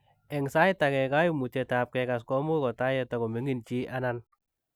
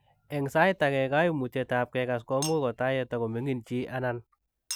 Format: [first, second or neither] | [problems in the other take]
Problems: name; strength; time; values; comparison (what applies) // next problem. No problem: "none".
first | background sound (Chink, clink); 19 dB below the speech